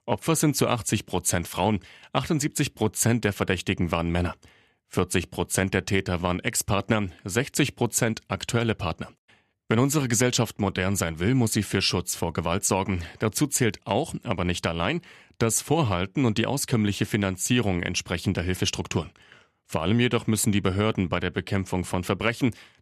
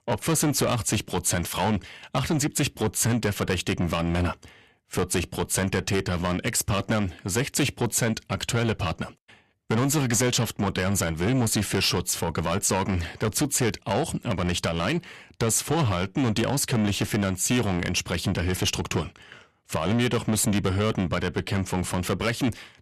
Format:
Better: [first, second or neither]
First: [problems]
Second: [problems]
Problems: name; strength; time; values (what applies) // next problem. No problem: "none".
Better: first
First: none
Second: distortion; heavy; 7 dB below the speech